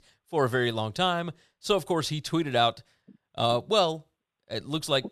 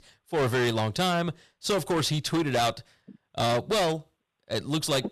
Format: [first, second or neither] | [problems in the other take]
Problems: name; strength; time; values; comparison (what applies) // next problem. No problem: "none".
first | distortion; heavy; 16% of the sound clipped